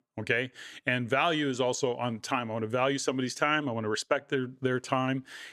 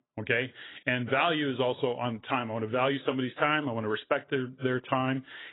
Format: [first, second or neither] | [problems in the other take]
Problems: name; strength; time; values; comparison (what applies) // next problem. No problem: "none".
first | garbled, watery; badly; nothing above 3.5 kHz